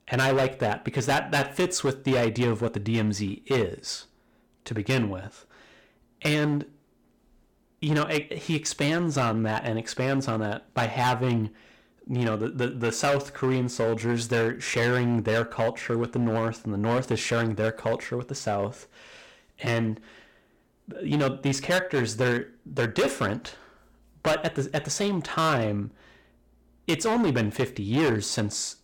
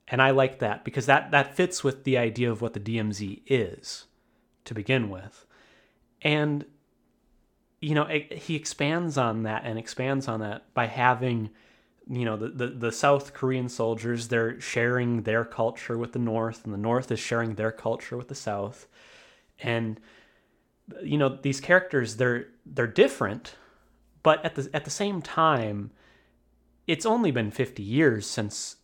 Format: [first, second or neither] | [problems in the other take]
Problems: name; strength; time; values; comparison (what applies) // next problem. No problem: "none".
second | distortion; heavy; 9% of the sound clipped